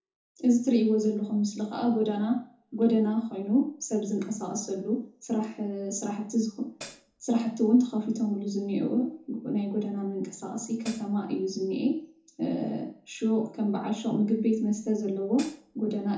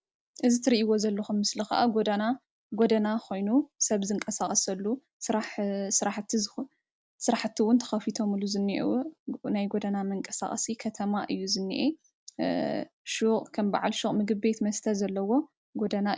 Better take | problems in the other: second | background sound (Hi-hat); 17 dB below the speech // room echo; dies away in 0.6 s

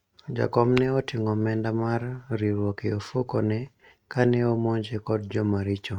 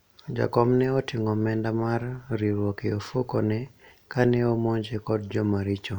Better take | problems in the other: second | noise reduction (neural mask model RNNoise)

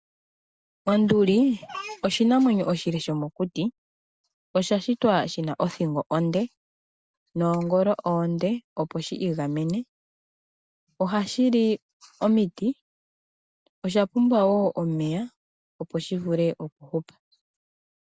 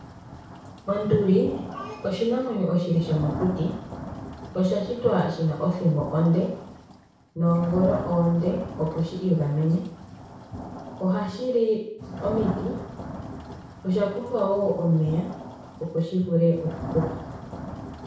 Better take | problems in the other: first | background sound (Thunder / Rain); 12 dB below the speech // room echo; dies away in 0.6 s

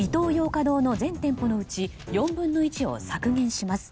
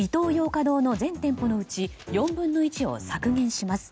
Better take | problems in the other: second | background sound (Thunder); 16 dB below the speech

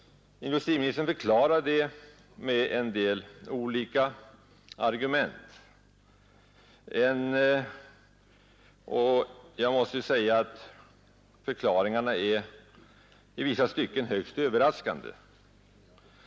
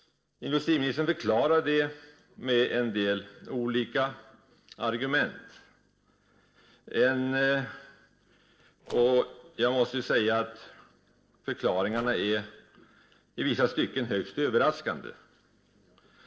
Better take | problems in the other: first | noise reduction (neural separator model SepFormer DNS4)

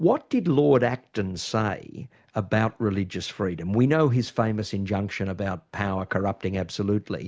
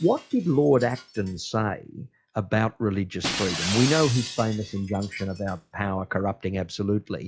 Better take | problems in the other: first | noise reduction (classical method log-MMSE)

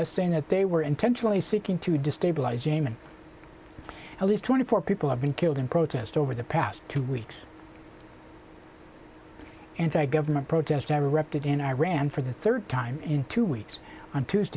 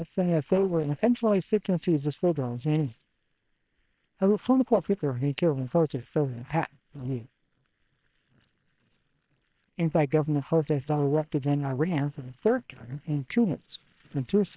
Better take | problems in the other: first | noise reduction (neural separator model SepFormer WHAM!)

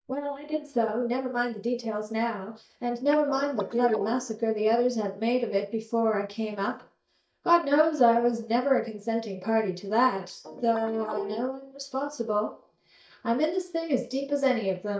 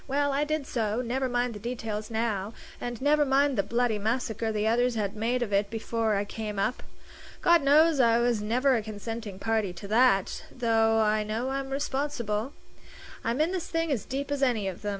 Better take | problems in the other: second | noise reduction (neural mask model DeepFilterNet 3)

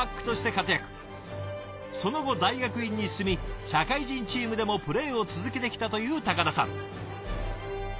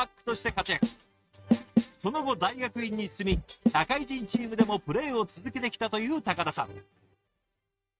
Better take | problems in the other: first | noise reduction (neural mask model RNNoise)

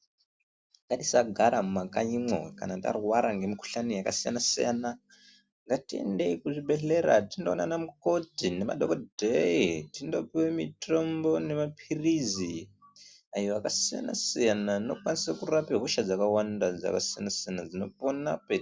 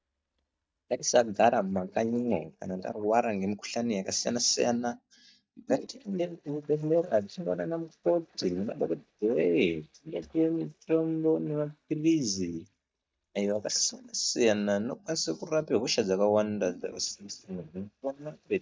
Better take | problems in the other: first | noise reduction (neural mask model DeepFilterNet 3)

